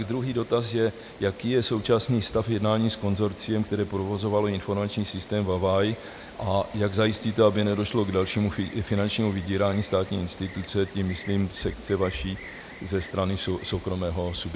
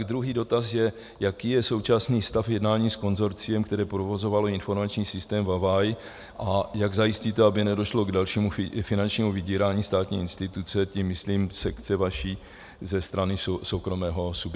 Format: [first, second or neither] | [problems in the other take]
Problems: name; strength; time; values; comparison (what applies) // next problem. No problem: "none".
second | background sound (Insect); 19 dB below the speech